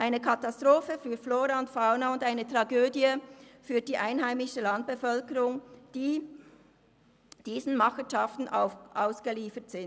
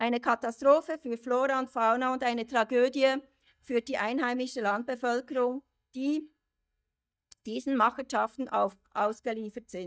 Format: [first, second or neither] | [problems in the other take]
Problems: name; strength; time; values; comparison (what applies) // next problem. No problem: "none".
first | noise reduction (neural mask model DeepFilterNet 3)